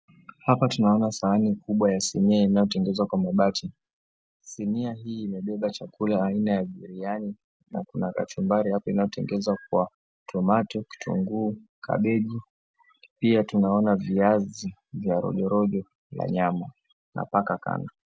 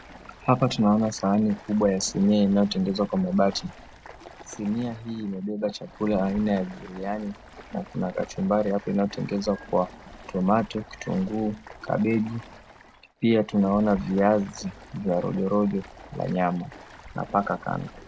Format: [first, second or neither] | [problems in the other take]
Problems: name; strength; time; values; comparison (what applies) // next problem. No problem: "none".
first | background sound (Stream); 19 dB below the speech